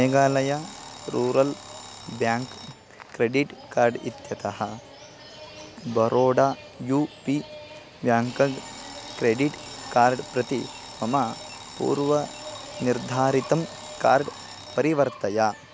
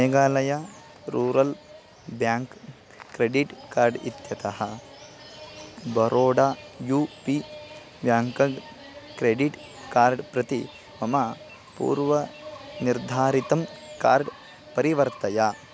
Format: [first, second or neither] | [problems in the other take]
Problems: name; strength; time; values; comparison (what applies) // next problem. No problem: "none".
second | background sound (Alarm); 18 dB below the speech